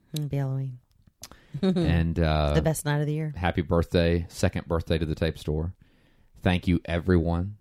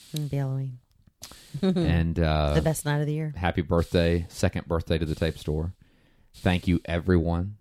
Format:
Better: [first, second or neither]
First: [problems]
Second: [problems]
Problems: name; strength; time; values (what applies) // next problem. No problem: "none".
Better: first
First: none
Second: hiss; faint; throughout; 25 dB below the speech